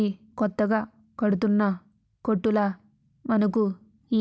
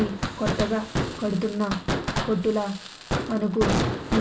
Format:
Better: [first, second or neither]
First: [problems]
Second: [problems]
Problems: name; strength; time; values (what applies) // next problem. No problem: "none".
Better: first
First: none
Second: background sound (Fireworks); 1 dB below the speech // room echo; dies away in 0.3 s